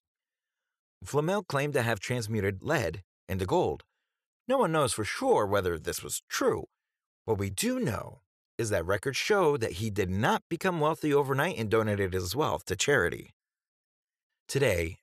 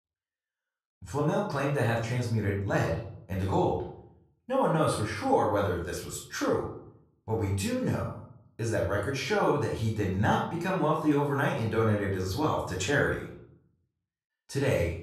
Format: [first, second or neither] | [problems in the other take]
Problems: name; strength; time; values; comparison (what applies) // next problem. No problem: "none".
first | off-mic speech; far // room echo; noticeable; dies away in 0.6 s